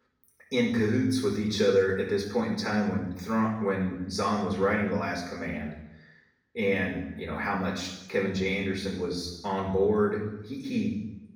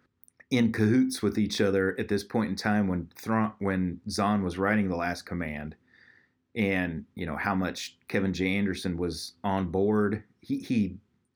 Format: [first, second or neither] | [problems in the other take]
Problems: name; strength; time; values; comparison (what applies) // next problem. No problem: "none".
second | room echo; noticeable; dies away in 0.8 s // off-mic speech; far